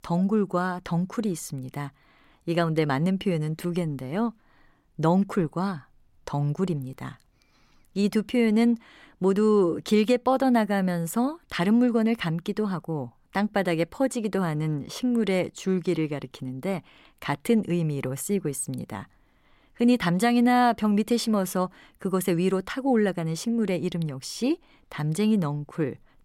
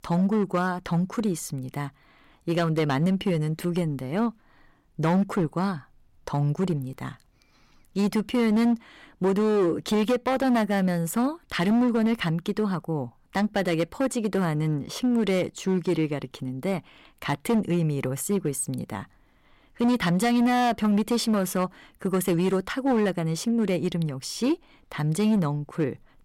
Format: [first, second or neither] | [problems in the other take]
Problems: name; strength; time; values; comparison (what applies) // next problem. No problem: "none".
first | distortion; slight; 8% of the sound clipped